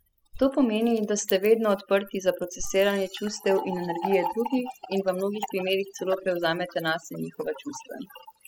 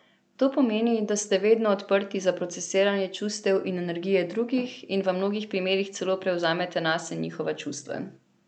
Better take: second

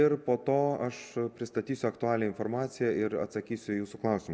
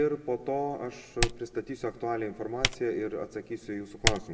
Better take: first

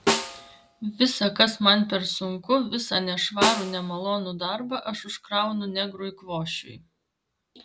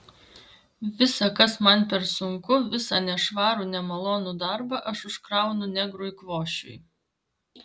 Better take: second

